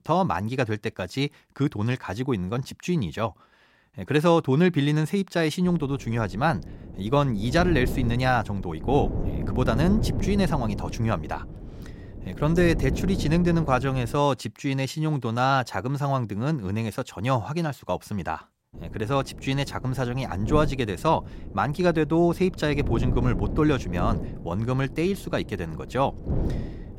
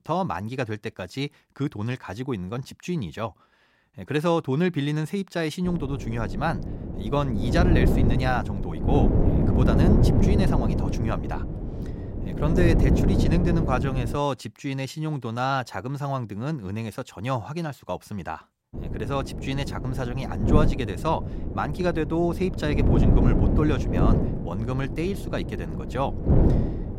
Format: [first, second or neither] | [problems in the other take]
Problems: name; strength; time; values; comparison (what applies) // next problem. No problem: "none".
first | wind noise on the microphone; heavy; from 5.5 to 14 s and from 19 s on; 3 dB below the speech; occasional gusts in the first